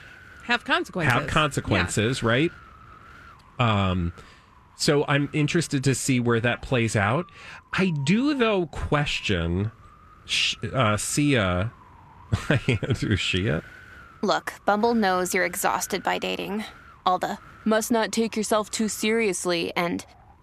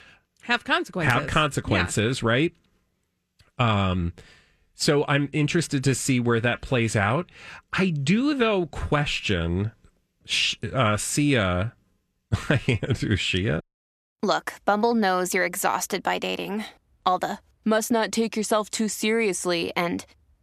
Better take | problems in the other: second | wind noise on the microphone; occasional gusts; 20 dB below the speech

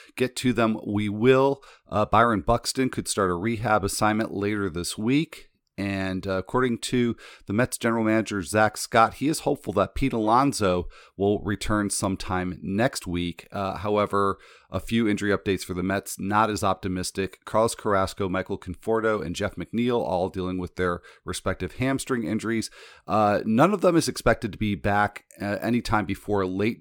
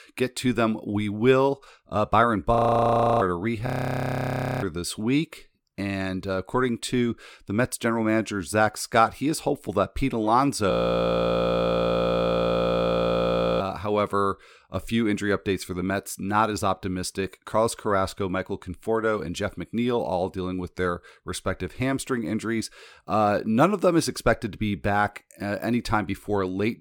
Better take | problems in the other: first | audio freezing; at 2.5 s for 0.5 s, at 3.5 s for 1 s and at 11 s for 3 s

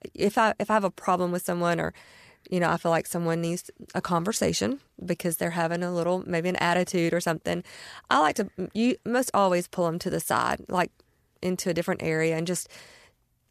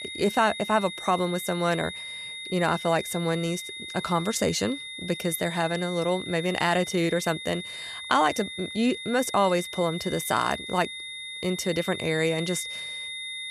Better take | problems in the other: first | high-pitched whine; loud; throughout; 3.5 kHz, 8 dB below the speech

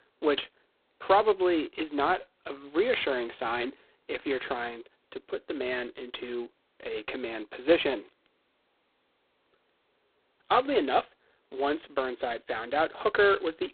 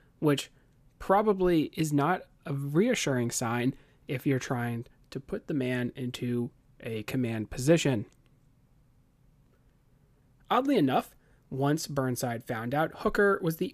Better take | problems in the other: second | phone-call audio; poor line; nothing above 4 kHz

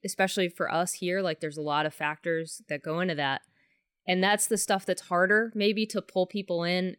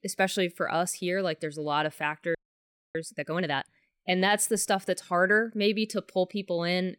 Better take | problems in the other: first | audio freezing; at 2.5 s for 0.5 s

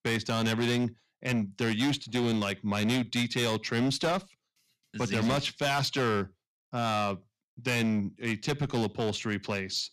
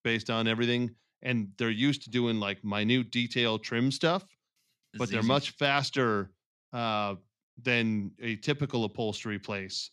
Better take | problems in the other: second | distortion; heavy; 13% of the sound clipped

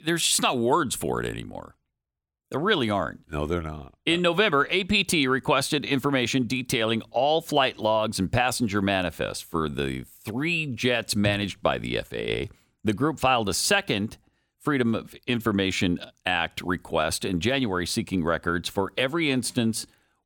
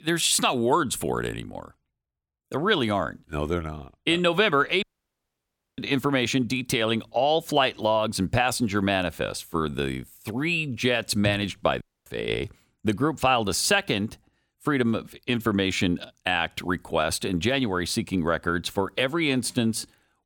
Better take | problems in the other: first | audio cutting out; at 5 s for 1 s and at 12 s

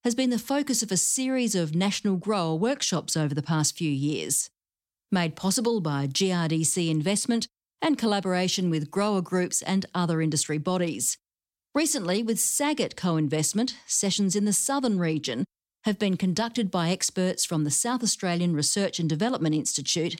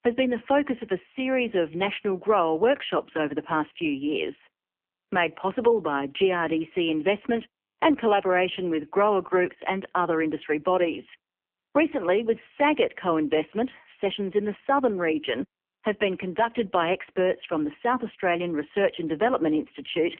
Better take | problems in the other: first | phone-call audio; poor line; nothing above 3 kHz

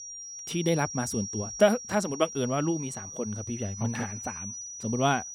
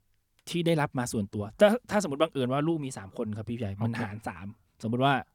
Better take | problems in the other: second | high-pitched whine; loud; throughout; 5.5 kHz, 8 dB below the speech

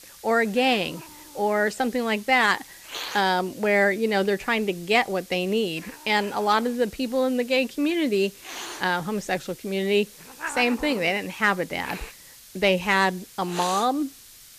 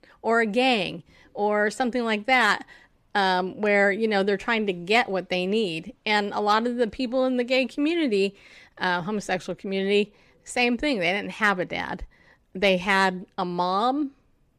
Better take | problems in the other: second | hiss; noticeable; throughout; 15 dB below the speech

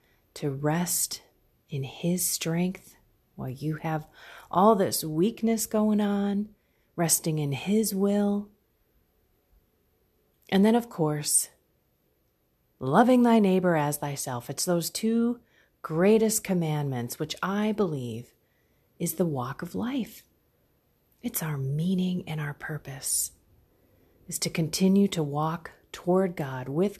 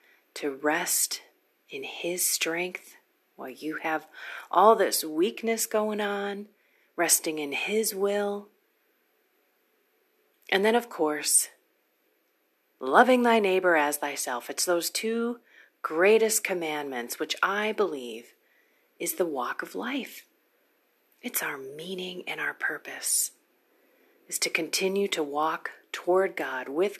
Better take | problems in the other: first | thin; somewhat; fading below 300 Hz

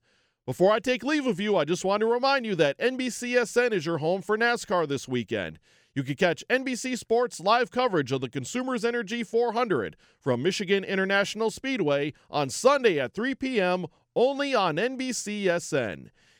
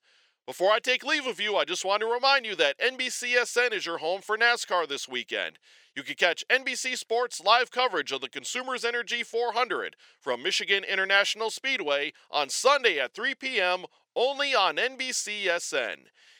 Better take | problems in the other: first | thin; very; fading below 600 Hz

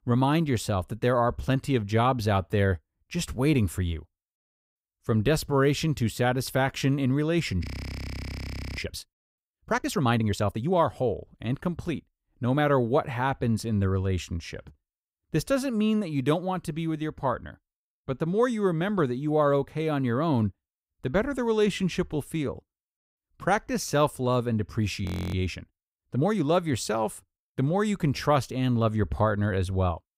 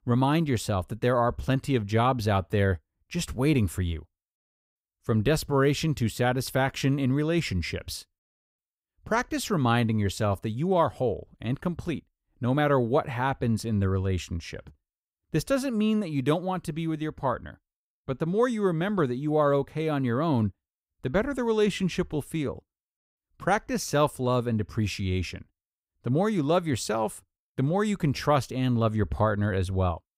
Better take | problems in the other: second | audio freezing; at 7.5 s for 1 s and at 25 s

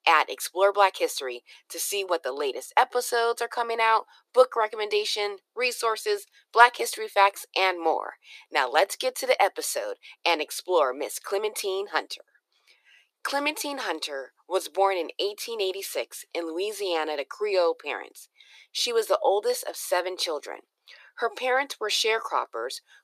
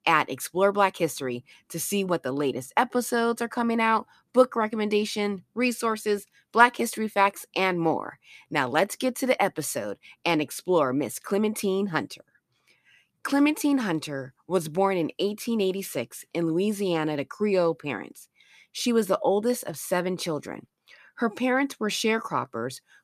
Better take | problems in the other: second | thin; very; fading below 400 Hz

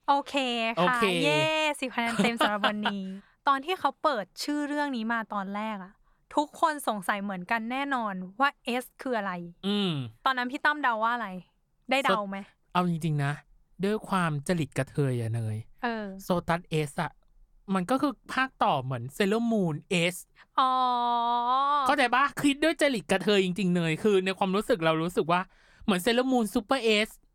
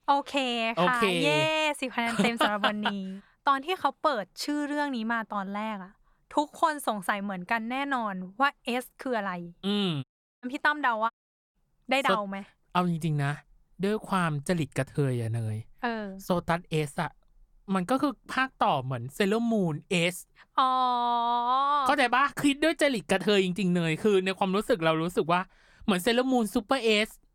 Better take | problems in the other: first | audio cutting out; at 10 s and at 11 s

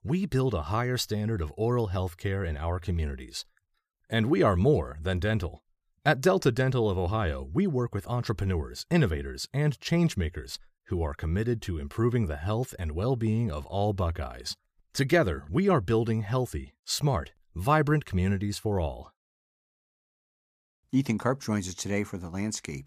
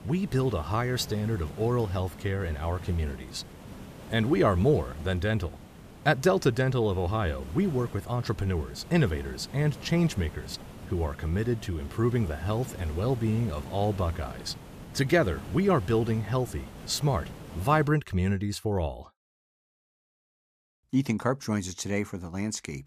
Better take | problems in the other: first | hiss; noticeable; until 18 s; 15 dB below the speech

